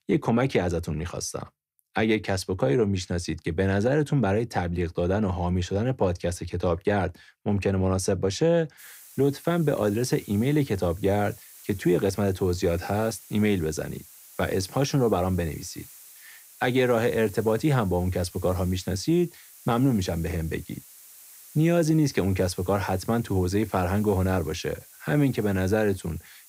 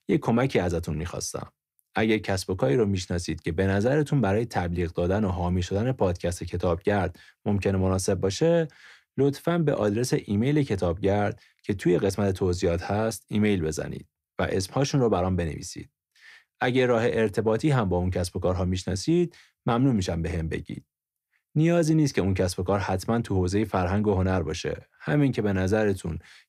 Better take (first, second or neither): second